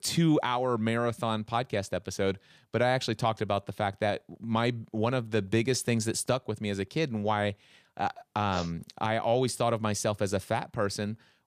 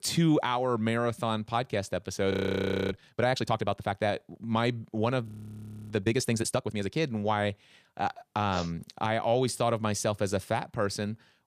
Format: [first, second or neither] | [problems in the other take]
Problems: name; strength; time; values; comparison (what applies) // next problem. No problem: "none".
first | audio freezing; at 2.5 s for 0.5 s and at 5.5 s for 0.5 s